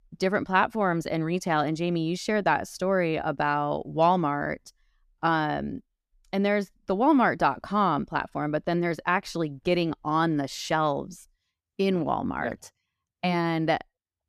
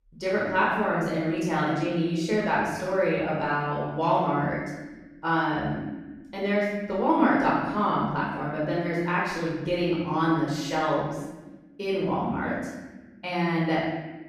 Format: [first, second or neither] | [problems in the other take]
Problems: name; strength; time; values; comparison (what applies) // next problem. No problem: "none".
first | off-mic speech; far // room echo; noticeable; dies away in 1.1 s